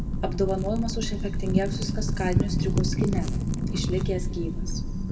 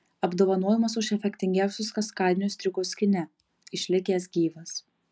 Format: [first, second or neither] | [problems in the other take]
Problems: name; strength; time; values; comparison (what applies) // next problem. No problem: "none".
second | background sound (Wind / Fire); 5 dB above the speech // room echo; dies away in 1.3 s